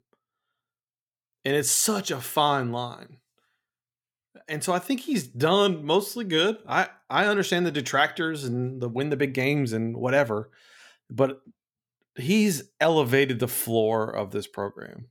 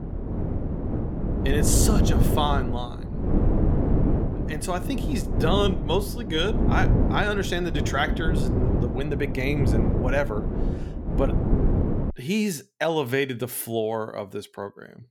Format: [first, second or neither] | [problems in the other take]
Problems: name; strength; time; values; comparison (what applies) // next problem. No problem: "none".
first | wind noise on the microphone; heavy; until 12 s; 5 dB below the speech